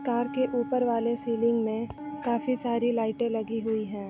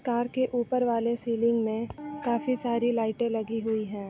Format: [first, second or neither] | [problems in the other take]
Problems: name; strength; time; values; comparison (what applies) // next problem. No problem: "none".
second | background sound (Wind instrument, woodwind instrument); 14 dB below the speech